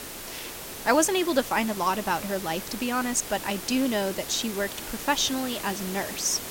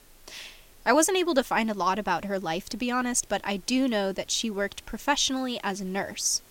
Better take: second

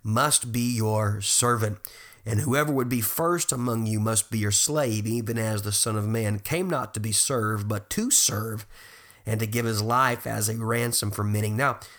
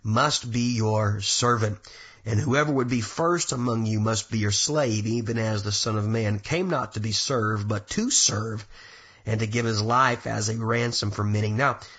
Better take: first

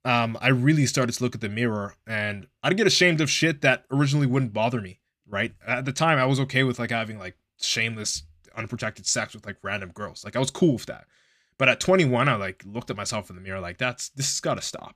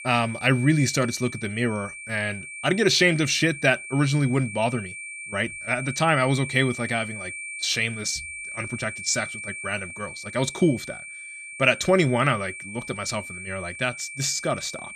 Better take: first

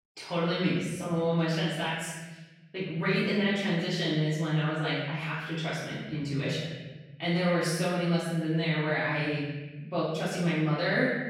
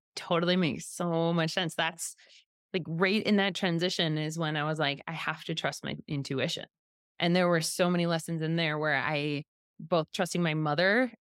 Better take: second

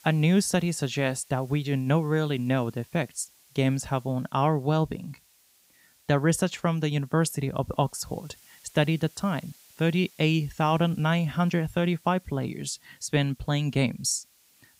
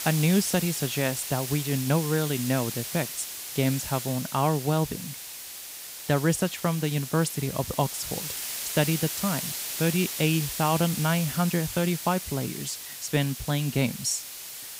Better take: first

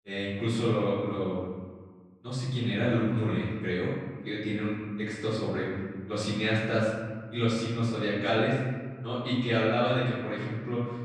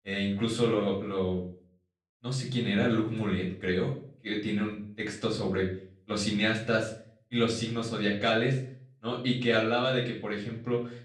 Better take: second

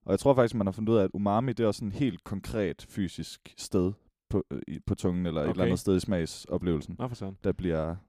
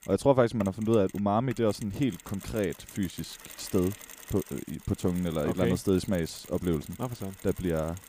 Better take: first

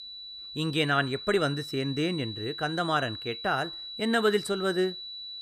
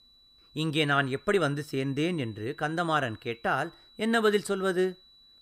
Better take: second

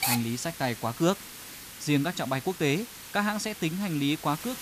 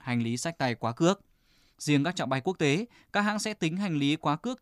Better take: second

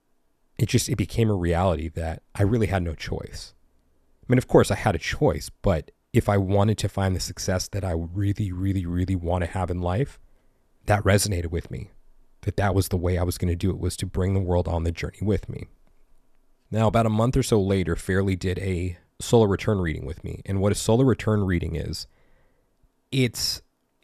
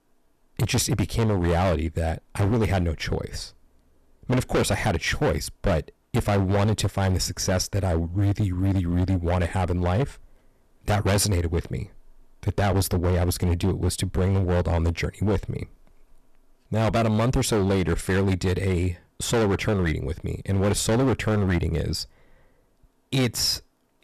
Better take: first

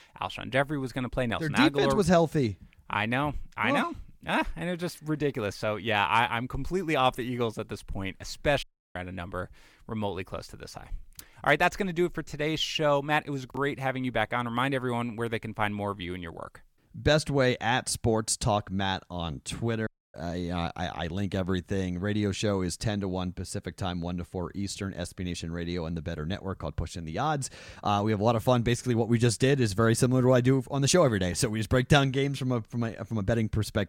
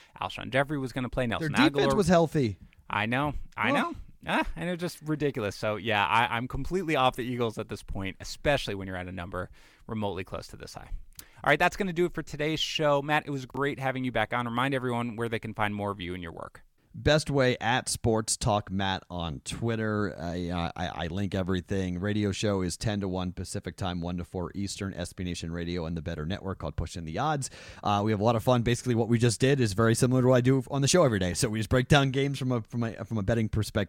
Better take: second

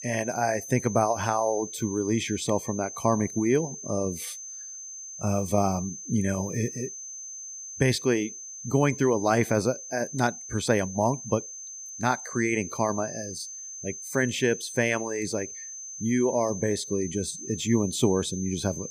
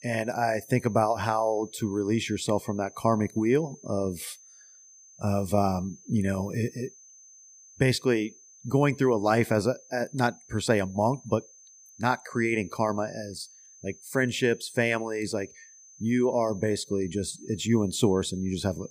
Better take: second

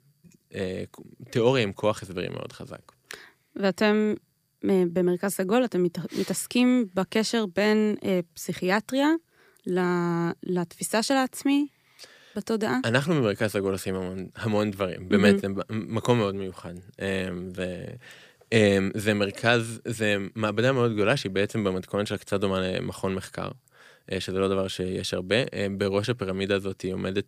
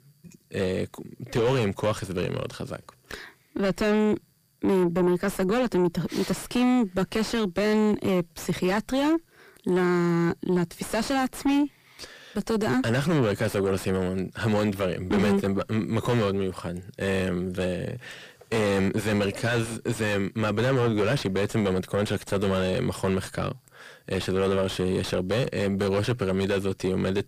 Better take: first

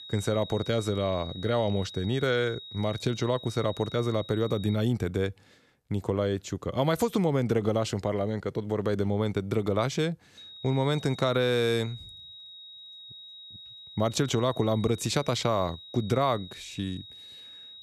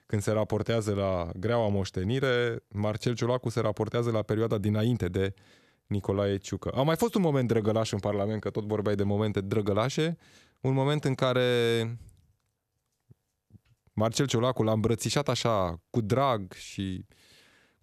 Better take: second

